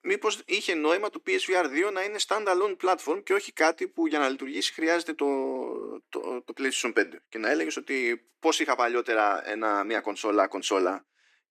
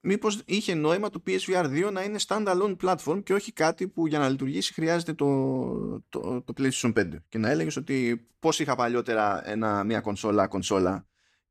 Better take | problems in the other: second | thin; somewhat; fading below 300 Hz

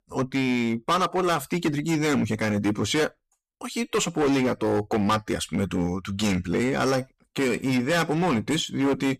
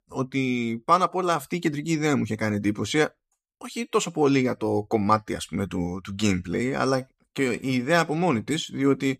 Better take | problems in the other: second | distortion; heavy; 14% of the sound clipped

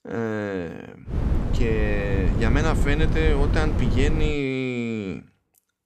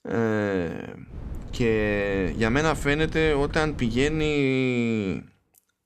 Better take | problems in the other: second | wind noise on the microphone; heavy; from 1 to 4.5 s; 7 dB below the speech; occasional gusts in the second

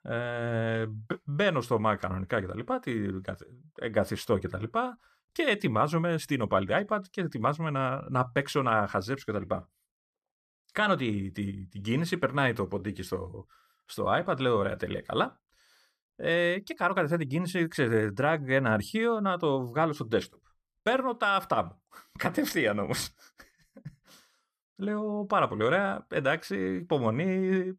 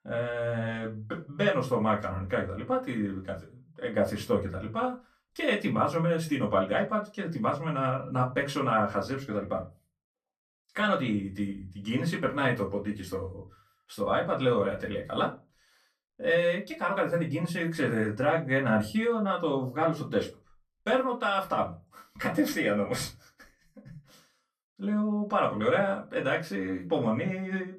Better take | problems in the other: first | off-mic speech; far // room echo; very slight; dies away in 0.2 s

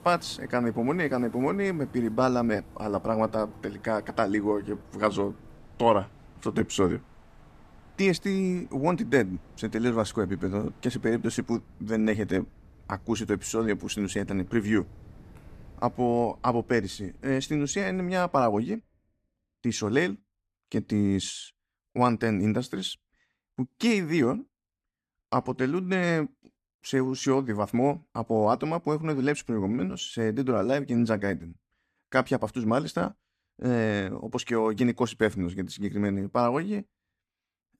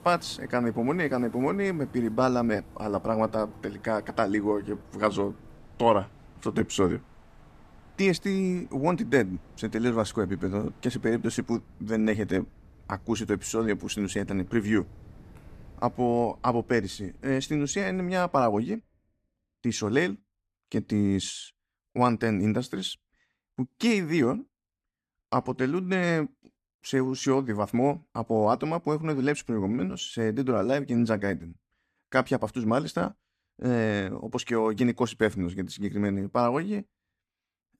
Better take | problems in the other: neither | wind in the background; faint; until 18 s; 25 dB below the speech; the same in both

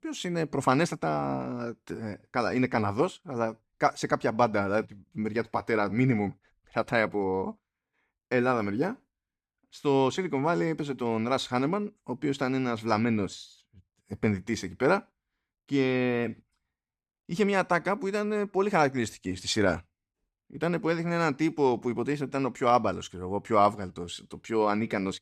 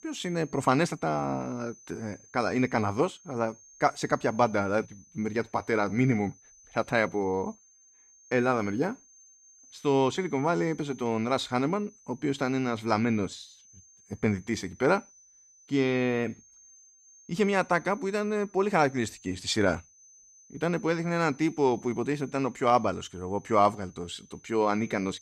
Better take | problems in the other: first | high-pitched whine; faint; throughout; 6.5 kHz, 25 dB below the speech

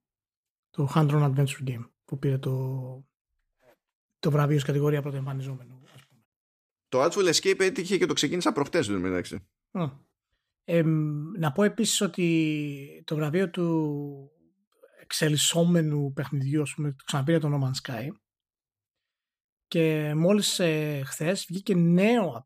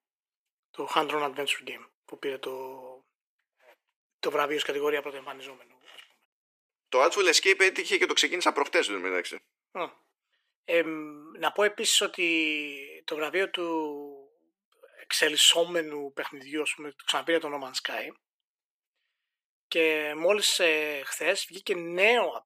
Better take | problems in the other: first | thin; very; fading below 400 Hz

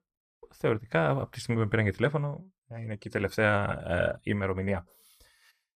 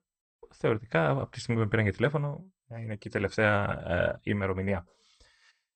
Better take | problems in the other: first | garbled, watery; slightly; nothing above 8.5 kHz

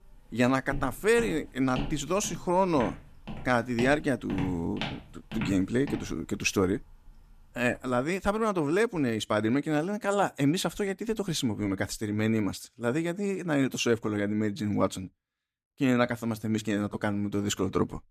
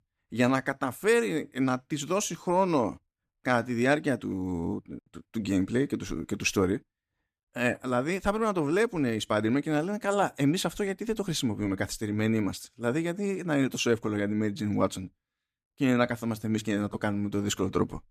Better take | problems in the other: second | footsteps; noticeable; until 8 s; peak 8 dB below the speech

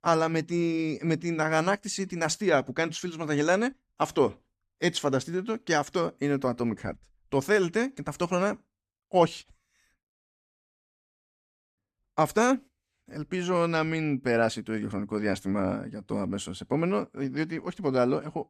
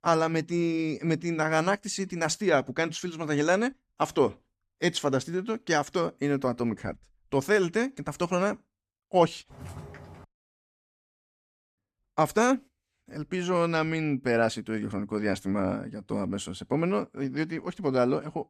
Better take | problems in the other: first | footsteps; faint; at 9.5 s; peak 15 dB below the speech

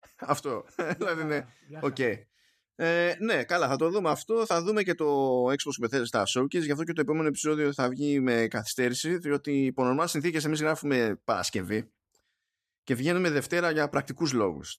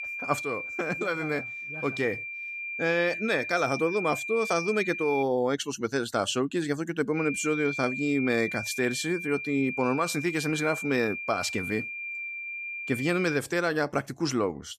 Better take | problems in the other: first | high-pitched whine; loud; until 5 s and from 7 to 13 s; 2.5 kHz, 5 dB below the speech

